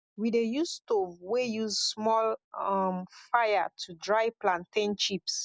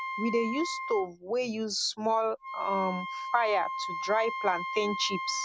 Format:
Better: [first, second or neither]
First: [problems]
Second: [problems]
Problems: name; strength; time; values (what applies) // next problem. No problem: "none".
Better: first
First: none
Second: background sound (Wind instrument, woodwind instrument); 6 dB below the speech